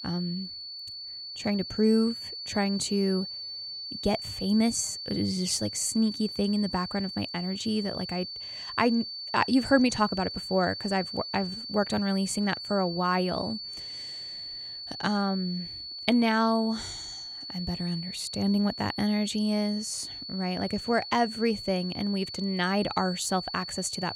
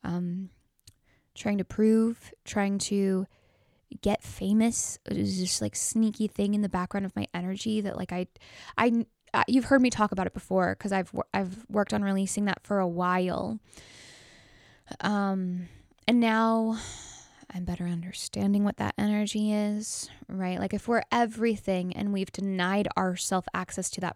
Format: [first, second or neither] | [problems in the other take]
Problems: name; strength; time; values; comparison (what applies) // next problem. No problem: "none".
second | high-pitched whine; loud; throughout; 4.5 kHz, 7 dB below the speech